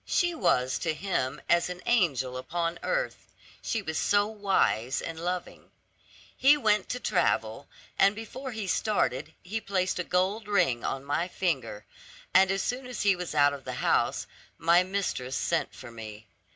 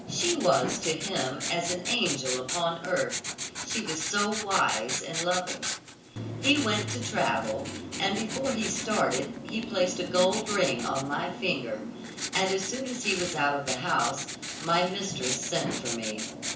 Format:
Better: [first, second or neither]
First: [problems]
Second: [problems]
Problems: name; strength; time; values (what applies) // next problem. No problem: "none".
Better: first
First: none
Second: background sound (Writing); 5 dB below the speech // room echo; dies away in 0.9 s